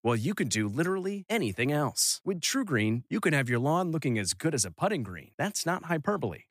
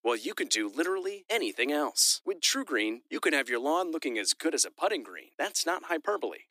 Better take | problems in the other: first | thin; somewhat; fading below 300 Hz

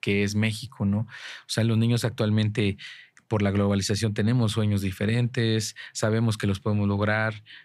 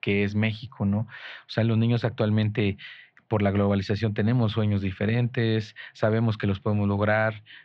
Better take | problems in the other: first | muffled; slightly; fading above 3.5 kHz

